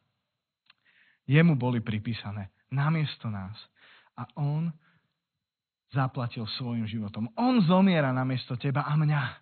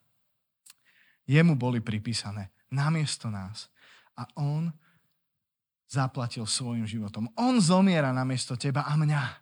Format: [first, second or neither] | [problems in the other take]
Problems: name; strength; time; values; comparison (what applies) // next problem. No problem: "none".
second | garbled, watery; badly; nothing above 4 kHz